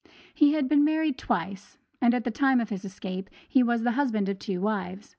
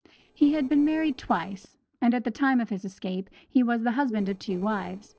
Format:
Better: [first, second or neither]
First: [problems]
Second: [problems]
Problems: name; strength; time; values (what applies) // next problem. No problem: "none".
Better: first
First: none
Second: noise reduction (neural separator model SepFormer DNS4)